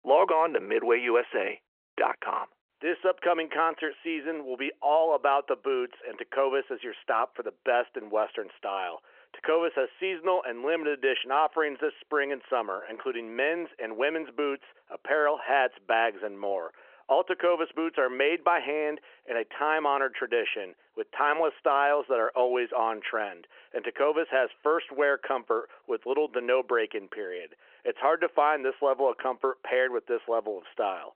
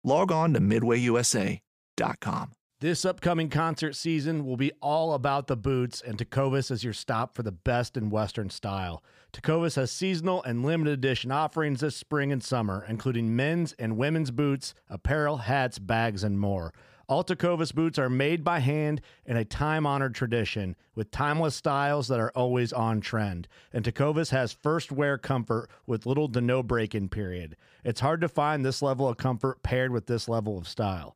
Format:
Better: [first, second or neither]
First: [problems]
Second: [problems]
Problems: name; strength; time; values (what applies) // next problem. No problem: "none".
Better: second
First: phone-call audio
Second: none